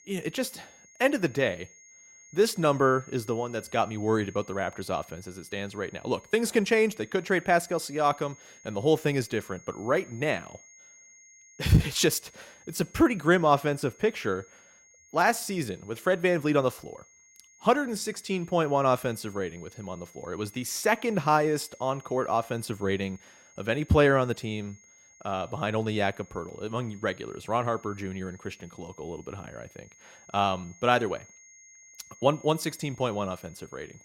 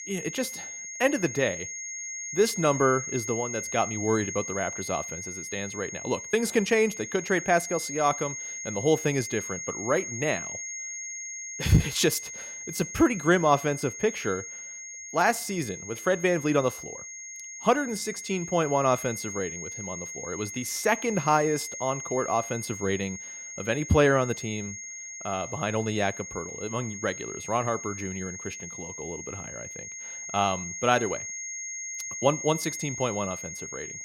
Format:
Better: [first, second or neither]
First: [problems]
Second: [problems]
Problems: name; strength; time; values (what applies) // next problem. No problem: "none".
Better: first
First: high-pitched whine; faint; throughout; 6.5 kHz, 25 dB below the speech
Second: high-pitched whine; loud; throughout; 6.5 kHz, 8 dB below the speech